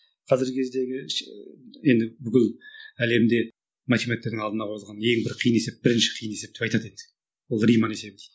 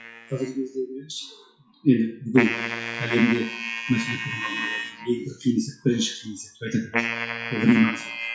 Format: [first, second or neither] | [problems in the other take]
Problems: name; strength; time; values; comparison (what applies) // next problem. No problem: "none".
first | noise reduction (classical method WPE with log-MMSE)